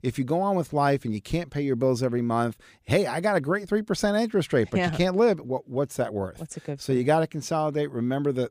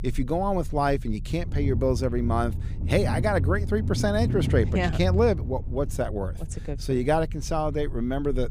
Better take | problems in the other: first | low rumble; noticeable; throughout; 15 dB below the speech

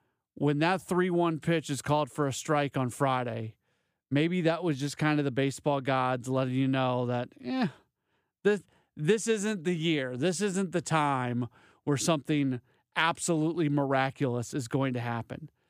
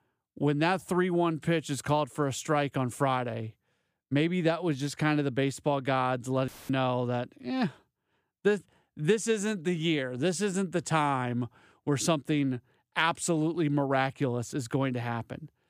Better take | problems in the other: first | audio cutting out; filled with static; at 6.5 s

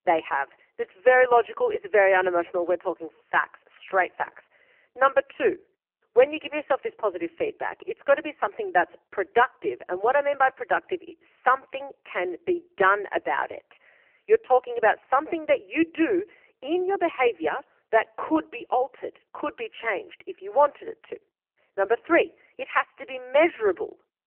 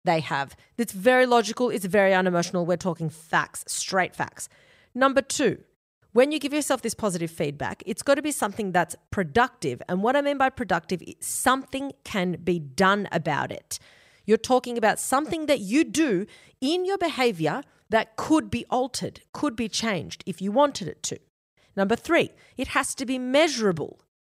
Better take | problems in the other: second | phone-call audio; poor line; nothing above 3 kHz

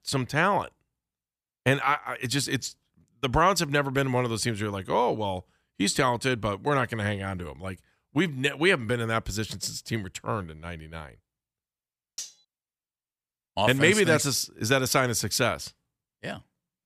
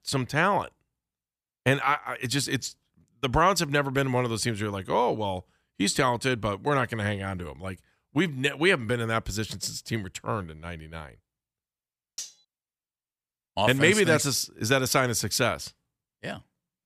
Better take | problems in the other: neither | clattering dishes; faint; at 12 s; peak 15 dB below the speech; the same in both

